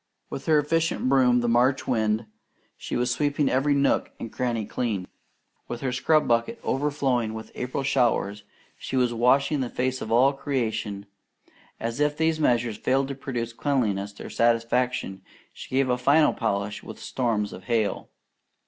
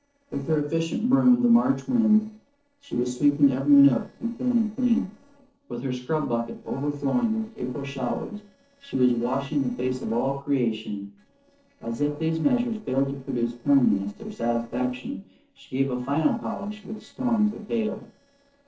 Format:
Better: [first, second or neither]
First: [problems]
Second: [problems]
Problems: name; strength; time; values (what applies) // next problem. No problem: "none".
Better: first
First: none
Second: noise reduction (neural separator model SepFormer DNS4)